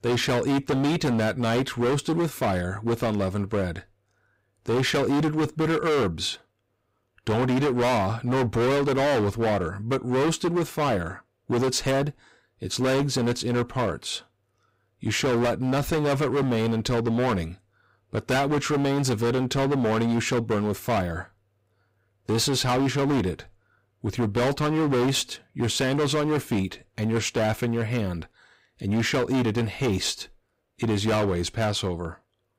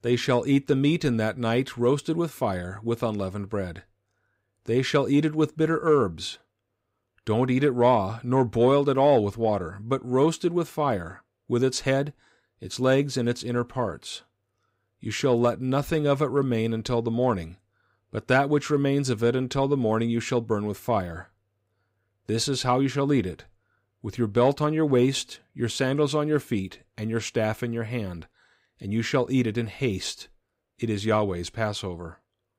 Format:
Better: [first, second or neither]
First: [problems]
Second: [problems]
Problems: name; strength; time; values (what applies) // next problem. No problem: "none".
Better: second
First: distortion; heavy; 21% of the sound clipped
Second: none